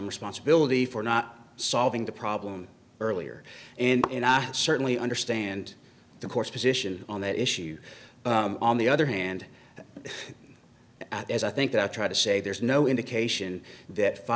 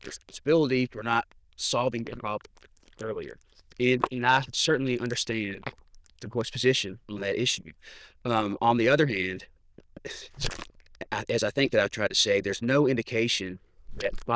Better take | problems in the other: first | noise reduction (neural diffusion model UNIVERSE++)

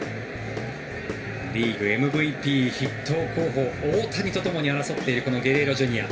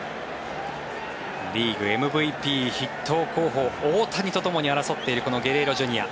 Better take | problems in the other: second | background sound (Guitar / Drum); 10 dB below the speech // room echo; dies away in 2.3 s

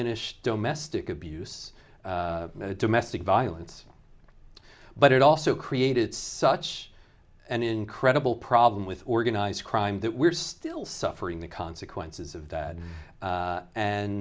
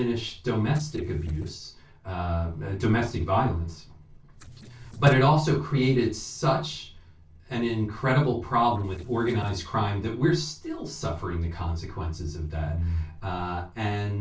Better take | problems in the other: first | noise reduction (neural separator model SepFormer DNS4)

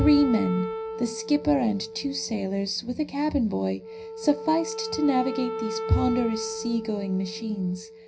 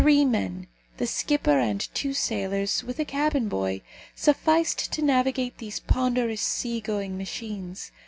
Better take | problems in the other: second | background sound (Wind instrument, woodwind instrument); 9 dB below the speech // room echo; dies away in 0.4 s

